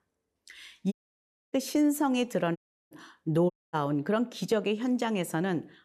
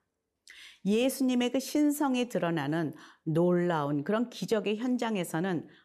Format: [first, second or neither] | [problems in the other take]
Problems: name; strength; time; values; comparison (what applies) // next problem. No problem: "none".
second | audio cutting out; at 1 s for 0.5 s, at 2.5 s and at 3.5 s